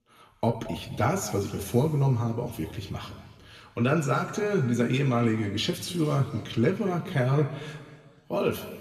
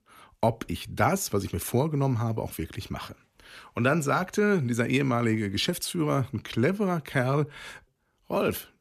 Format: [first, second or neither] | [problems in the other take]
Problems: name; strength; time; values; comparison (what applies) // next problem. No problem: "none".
second | room echo; slight; dies away in 1.7 s // off-mic speech; somewhat distant